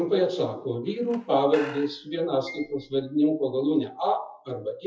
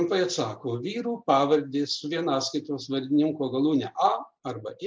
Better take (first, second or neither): second